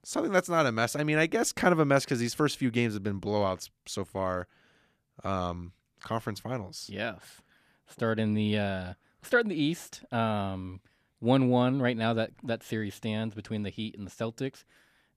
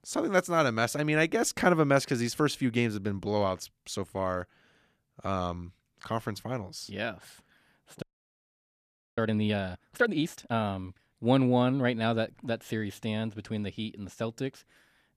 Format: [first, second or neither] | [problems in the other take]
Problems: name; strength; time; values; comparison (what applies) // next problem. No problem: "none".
first | audio freezing; at 8 s for 1 s